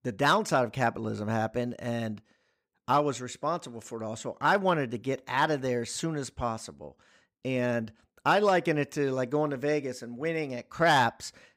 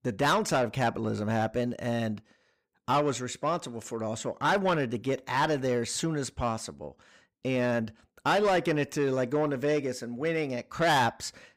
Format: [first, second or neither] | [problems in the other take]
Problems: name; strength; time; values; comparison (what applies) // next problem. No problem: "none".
first | distortion; slight; 10 dB below the speech